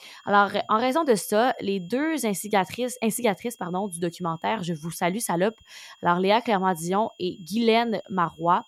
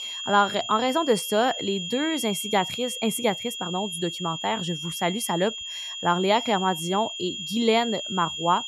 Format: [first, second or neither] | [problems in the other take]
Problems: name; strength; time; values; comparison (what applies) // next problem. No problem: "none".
first | high-pitched whine; loud; throughout; 3.5 kHz, 6 dB below the speech; faint in the first